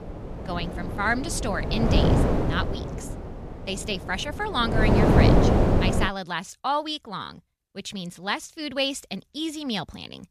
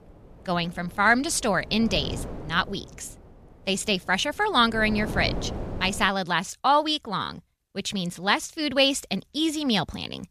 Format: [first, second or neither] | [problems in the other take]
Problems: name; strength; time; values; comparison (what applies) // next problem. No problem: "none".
second | wind noise on the microphone; heavy; until 6 s; 1 dB above the speech; occasional gusts in the second